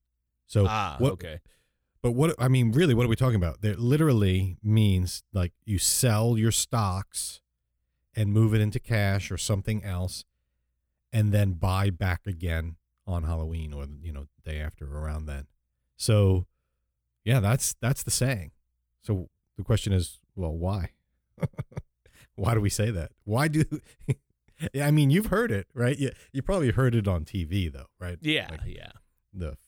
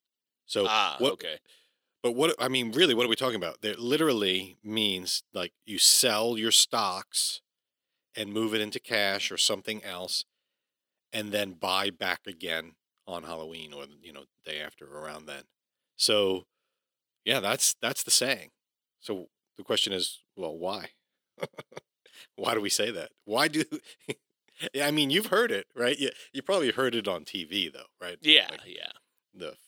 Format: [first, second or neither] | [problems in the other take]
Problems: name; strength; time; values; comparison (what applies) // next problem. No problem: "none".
first | thin; very; fading below 300 Hz